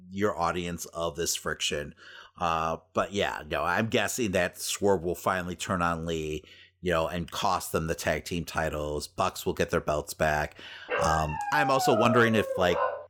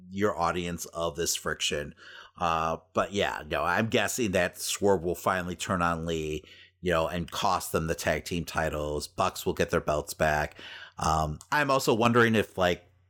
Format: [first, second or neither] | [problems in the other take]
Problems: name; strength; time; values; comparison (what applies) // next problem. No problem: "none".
second | dog barking; loud; from 11 s on; peak level with the speech